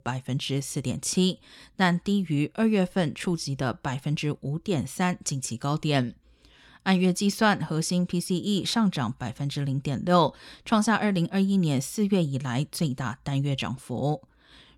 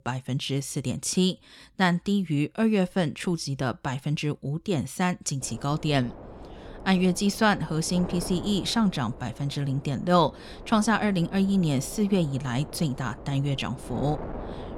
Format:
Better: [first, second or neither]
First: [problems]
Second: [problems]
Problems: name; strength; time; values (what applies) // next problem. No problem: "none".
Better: first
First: none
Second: wind noise on the microphone; occasional gusts; from 5.5 s on; 15 dB below the speech